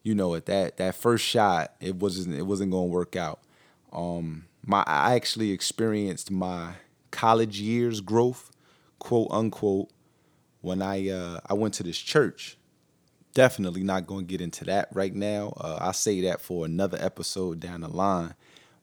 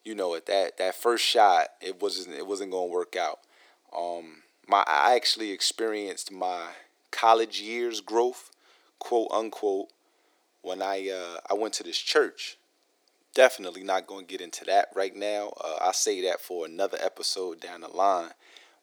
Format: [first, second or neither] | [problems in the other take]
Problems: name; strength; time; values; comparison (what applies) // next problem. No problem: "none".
first | thin; very; fading below 350 Hz